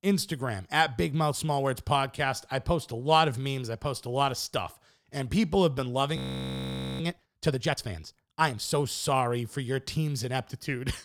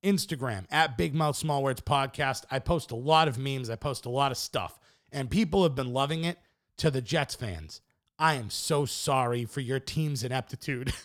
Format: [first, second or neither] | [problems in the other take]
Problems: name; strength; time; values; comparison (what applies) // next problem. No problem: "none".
second | audio freezing; at 6 s for 1 s